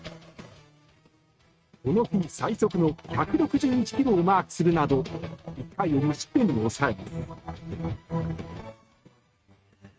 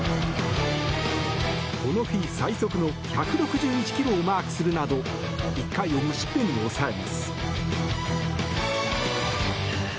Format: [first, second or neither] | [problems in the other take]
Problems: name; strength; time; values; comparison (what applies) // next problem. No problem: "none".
second | noise reduction (neural mask model RNNoise)